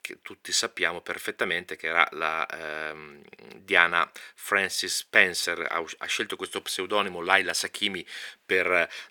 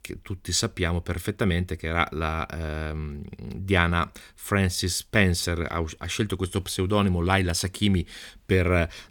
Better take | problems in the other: second | thin; very; fading below 500 Hz

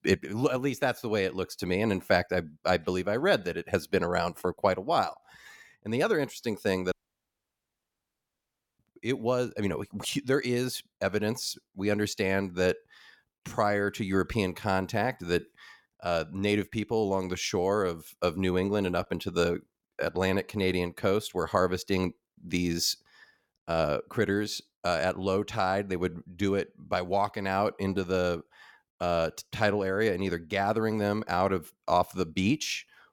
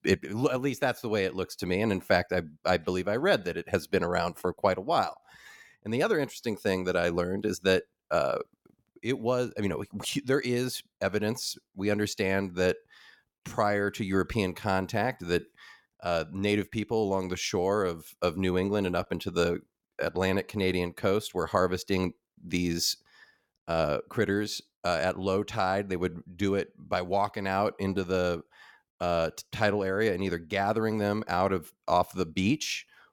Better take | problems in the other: second | audio cutting out; at 7 s for 2 s

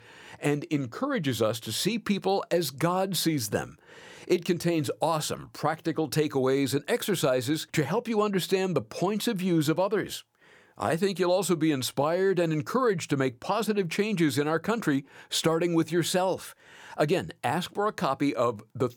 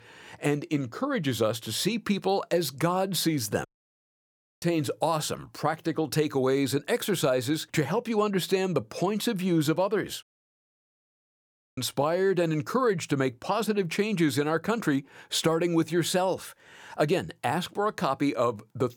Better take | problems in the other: first | audio cutting out; at 3.5 s for 1 s and at 10 s for 1.5 s

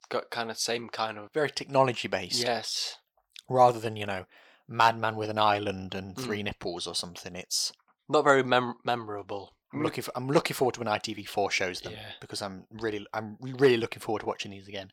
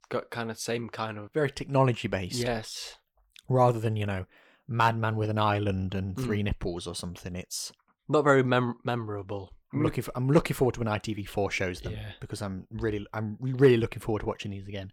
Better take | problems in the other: second | thin; somewhat; fading below 400 Hz

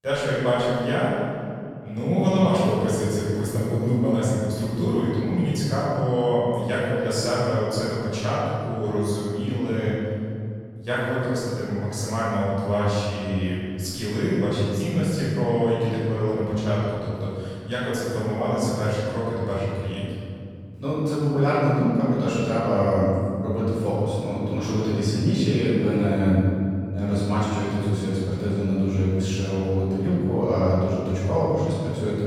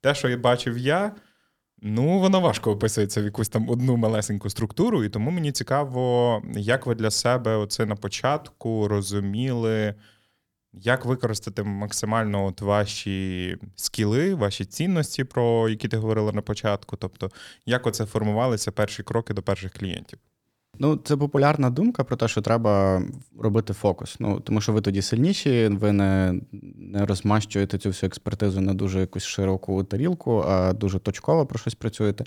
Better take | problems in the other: second | off-mic speech; far // room echo; strong; dies away in 2.3 s

